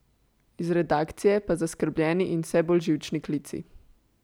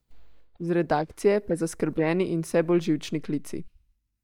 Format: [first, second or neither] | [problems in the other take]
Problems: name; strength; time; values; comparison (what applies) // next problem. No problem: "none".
first | noise reduction (neural mask model DeepFilterNet 3)